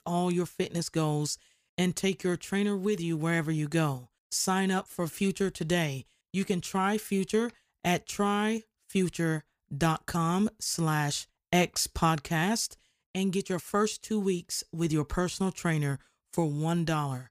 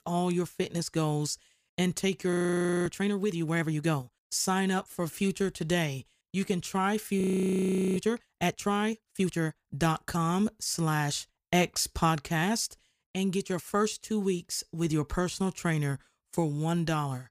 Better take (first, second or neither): first